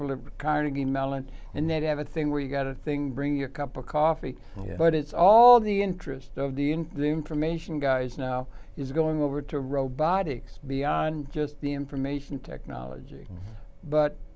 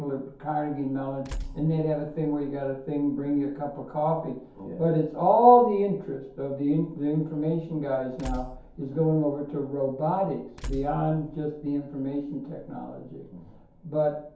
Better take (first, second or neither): first